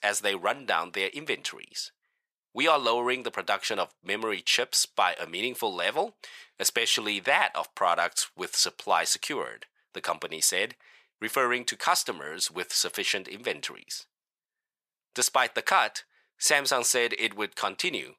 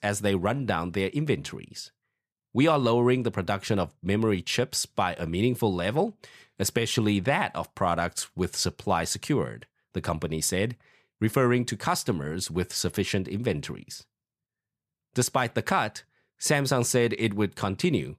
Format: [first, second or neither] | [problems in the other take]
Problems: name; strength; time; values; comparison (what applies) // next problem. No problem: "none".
second | thin; very; fading below 650 Hz